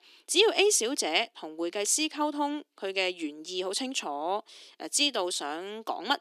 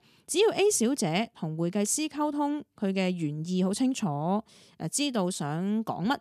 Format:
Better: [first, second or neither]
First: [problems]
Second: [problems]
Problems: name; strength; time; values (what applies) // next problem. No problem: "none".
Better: second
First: thin; somewhat; fading below 300 Hz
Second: none